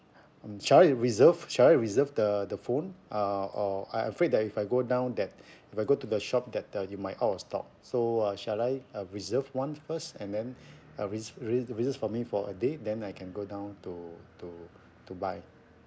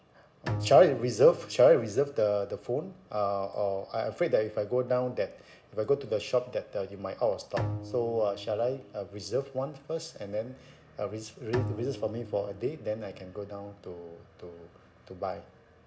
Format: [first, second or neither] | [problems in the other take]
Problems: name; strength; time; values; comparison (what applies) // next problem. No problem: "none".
first | background sound (Bowed string instrument); 12 dB below the speech // room echo; dies away in 0.6 s